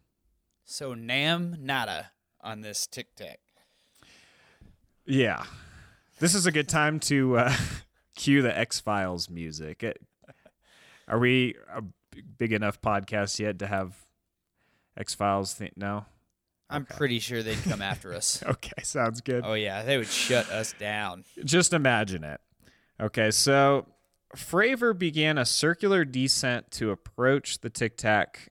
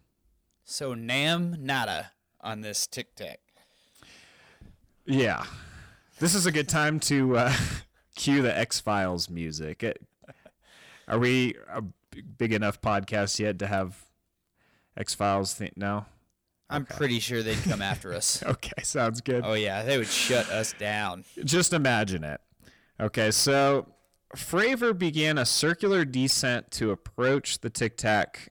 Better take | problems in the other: first | distortion; slight; 10 dB below the speech

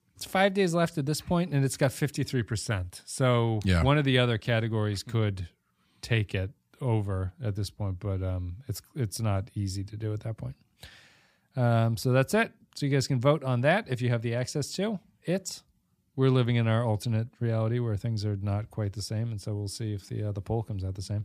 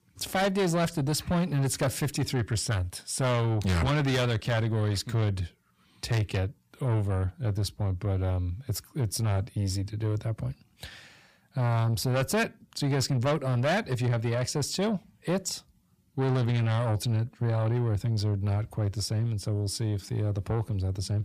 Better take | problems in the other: first | distortion; heavy; 7 dB below the speech

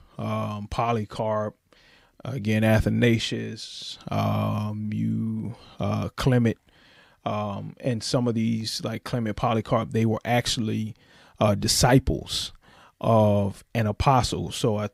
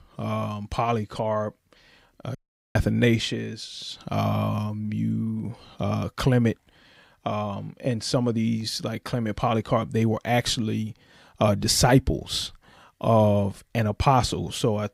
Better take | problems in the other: first | audio cutting out; at 2.5 s

